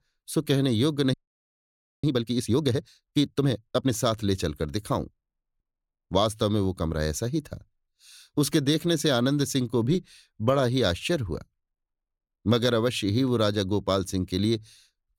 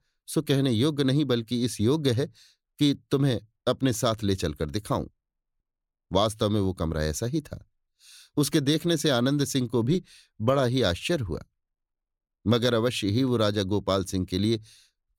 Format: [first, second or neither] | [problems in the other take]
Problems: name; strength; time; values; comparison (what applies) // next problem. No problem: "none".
second | audio freezing; at 1 s for 1 s